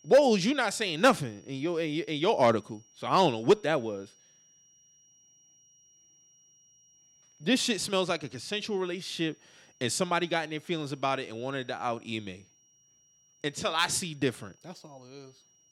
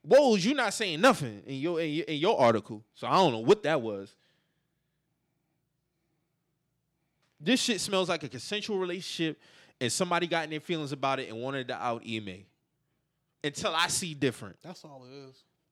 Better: second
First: high-pitched whine; faint; throughout; 5.5 kHz, 30 dB below the speech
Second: none

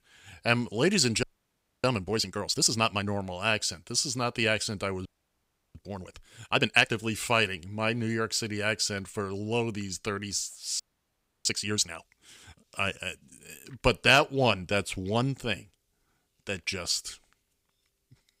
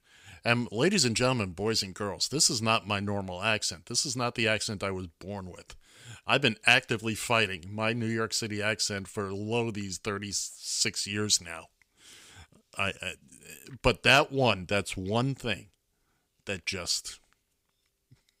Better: second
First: audio freezing; at 1 s for 0.5 s, at 5 s for 0.5 s and at 11 s for 0.5 s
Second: none

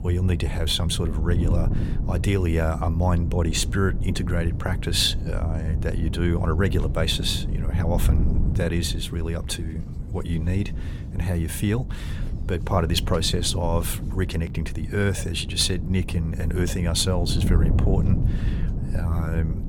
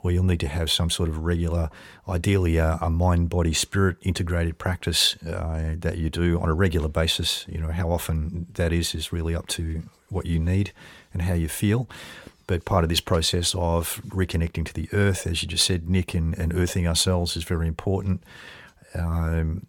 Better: second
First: wind noise on the microphone; occasional gusts; 10 dB below the speech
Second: none

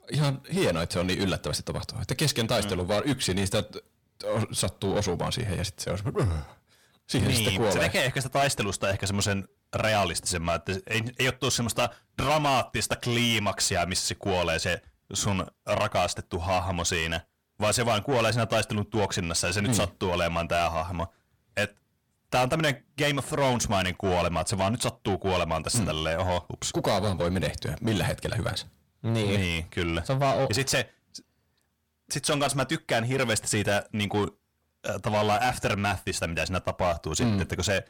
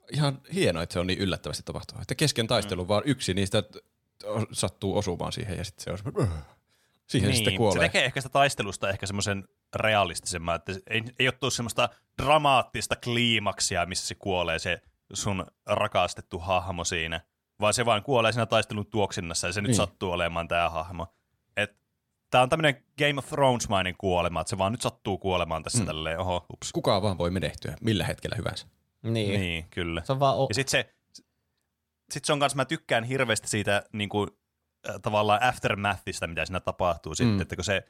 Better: second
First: distortion; heavy; 7 dB below the speech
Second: none

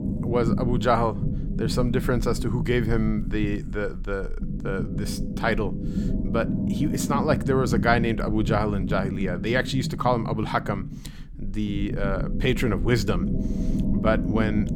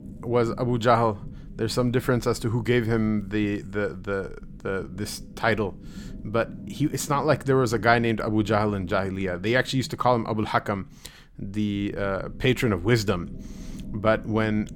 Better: second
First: low rumble; loud; throughout; 9 dB below the speech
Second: low rumble; faint; throughout; 25 dB below the speech

